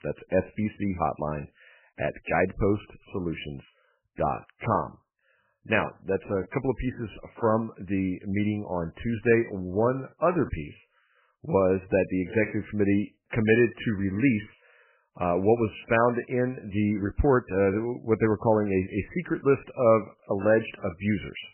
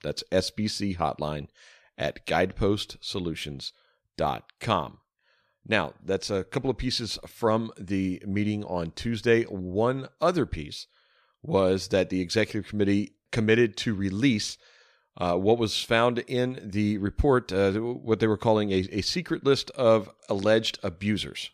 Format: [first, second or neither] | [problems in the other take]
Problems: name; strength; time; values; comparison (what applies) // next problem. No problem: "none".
second | garbled, watery; badly; nothing above 2.5 kHz